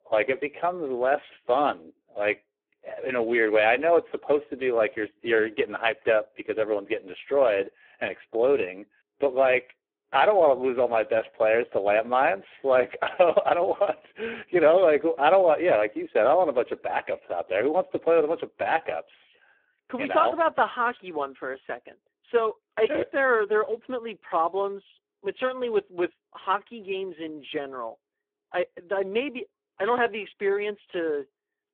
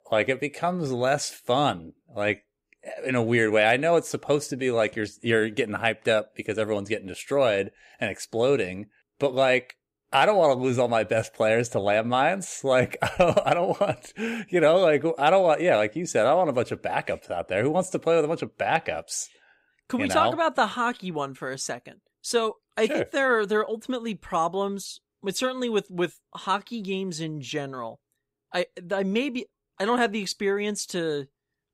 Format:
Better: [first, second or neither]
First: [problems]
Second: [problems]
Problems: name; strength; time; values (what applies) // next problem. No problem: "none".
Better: second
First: phone-call audio; poor line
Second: none